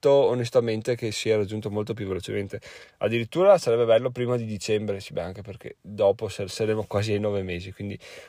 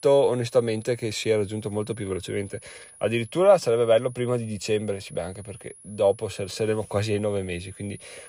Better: first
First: none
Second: high-pitched whine; faint; throughout; 10.5 kHz, 20 dB below the speech

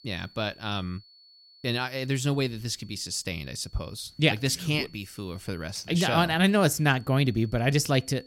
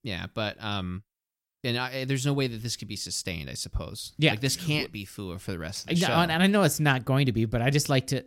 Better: second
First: high-pitched whine; faint; throughout; 4.5 kHz, 25 dB below the speech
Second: none

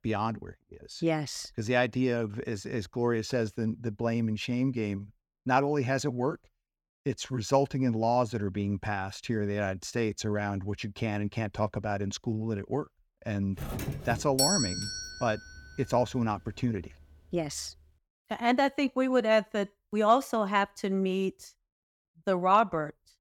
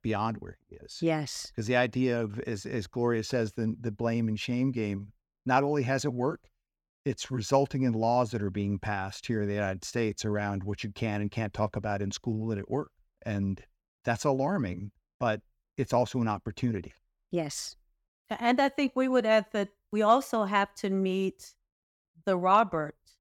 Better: second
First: doorbell; loud; from 14 to 15 s; peak 4 dB above the speech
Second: none

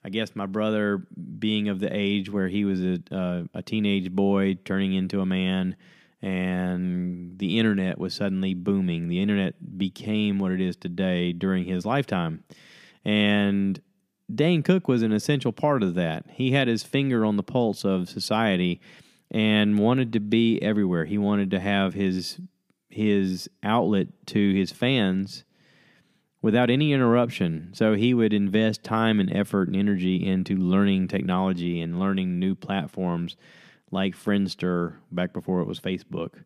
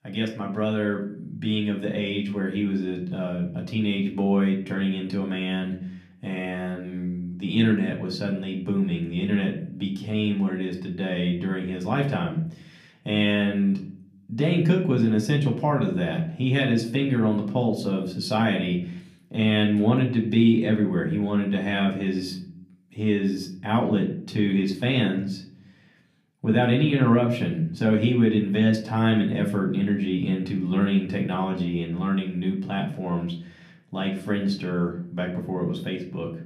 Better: first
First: none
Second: off-mic speech; somewhat distant // room echo; slight; dies away in 0.5 s

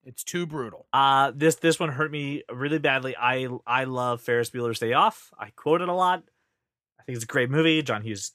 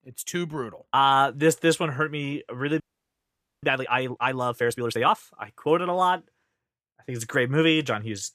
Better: first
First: none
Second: audio freezing; at 3 s for 1 s

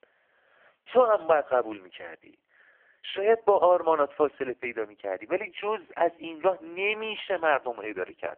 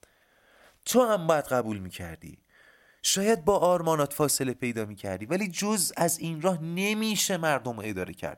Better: second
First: phone-call audio; poor line; nothing above 3 kHz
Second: none

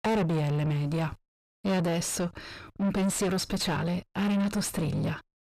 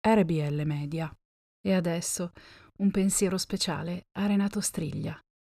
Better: second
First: distortion; heavy; 5 dB below the speech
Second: none

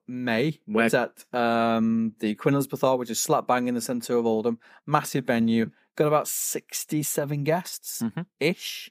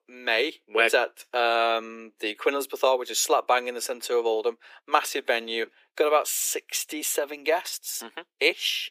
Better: first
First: none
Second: thin; very; fading below 350 Hz

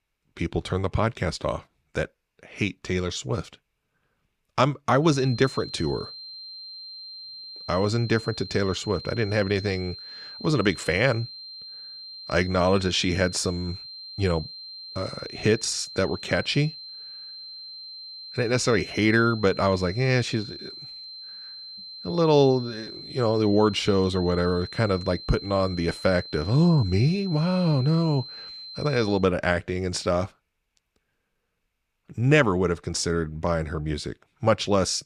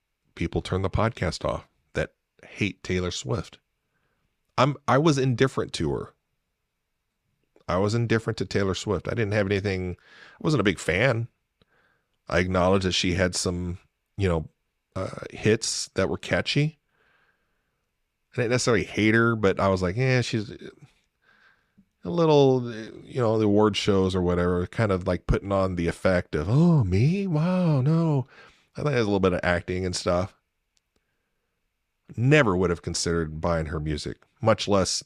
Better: second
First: high-pitched whine; noticeable; from 5 to 29 s; 4 kHz, 15 dB below the speech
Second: none

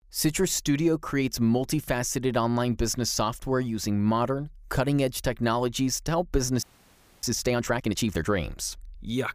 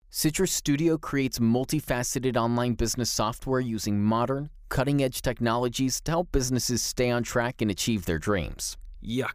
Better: second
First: audio freezing; at 6.5 s for 0.5 s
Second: none

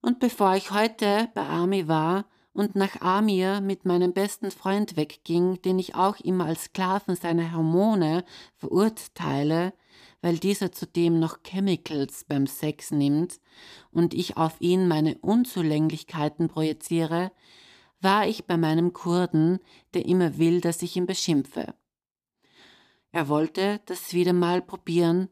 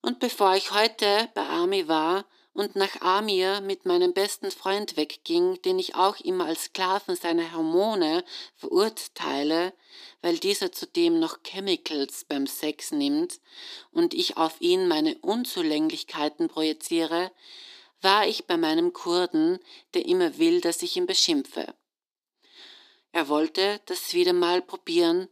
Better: first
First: none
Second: thin; somewhat; fading below 300 Hz

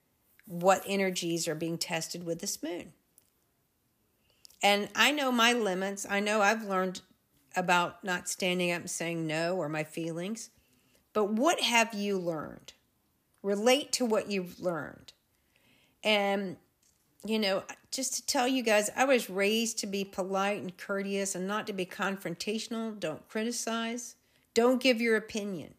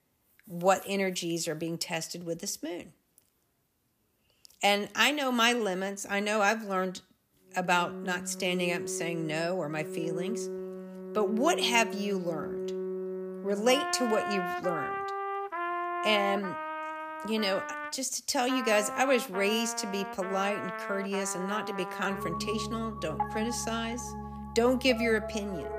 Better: first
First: none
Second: background music; loud; from 7.5 s on; 7 dB below the speech

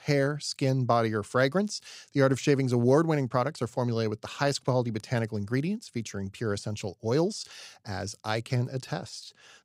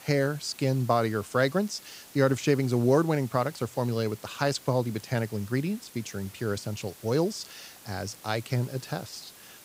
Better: first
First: none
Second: hiss; noticeable; throughout; 20 dB below the speech

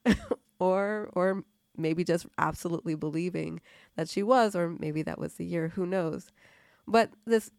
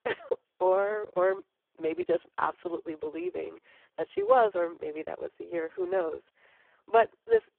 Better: first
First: none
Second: phone-call audio; poor line

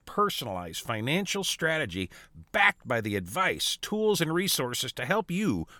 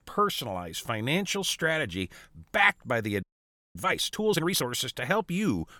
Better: first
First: none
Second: audio freezing; at 3 s for 0.5 s

